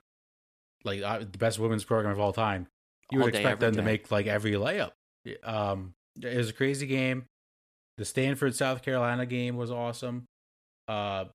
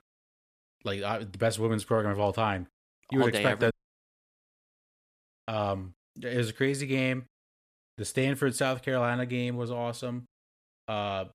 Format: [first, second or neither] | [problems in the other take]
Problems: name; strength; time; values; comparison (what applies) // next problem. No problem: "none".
first | audio cutting out; at 3.5 s for 2 s